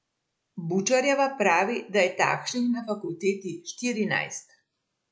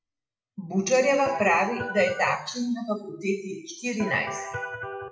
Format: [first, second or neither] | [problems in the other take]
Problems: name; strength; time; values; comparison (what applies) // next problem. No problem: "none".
first | noise reduction (classical method WPE with log-MMSE)